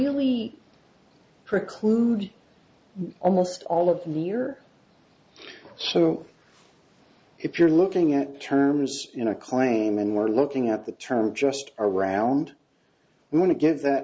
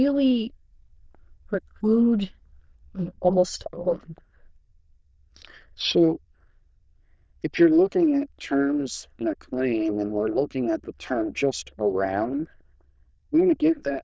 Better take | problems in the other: first | noise reduction (neural diffusion model UNIVERSE++)

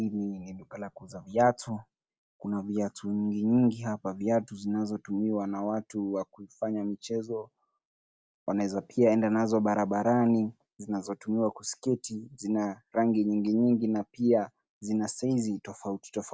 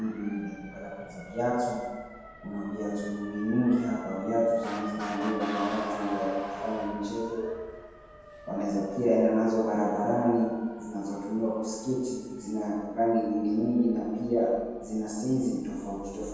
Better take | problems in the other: first | background sound (Motor vehicle (road) / Siren); 13 dB below the speech // room echo; dies away in 1.2 s

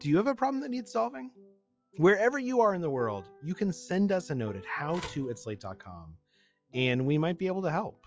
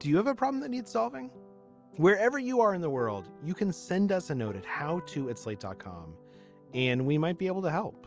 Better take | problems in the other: second | noise reduction (classical method log-MMSE)

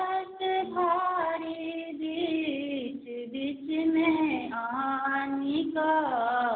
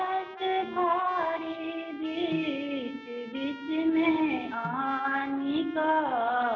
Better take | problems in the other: first | background sound (Snare drum + Trumpet); 16 dB below the speech

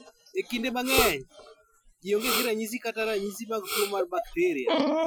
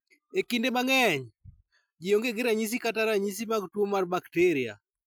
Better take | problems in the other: second | noise reduction (classical method Wiener filter)

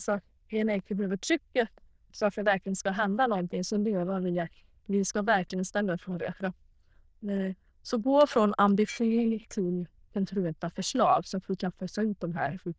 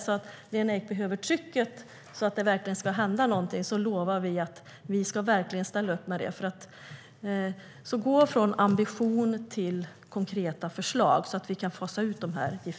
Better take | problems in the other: second | noise reduction (neural diffusion model UNIVERSE++)

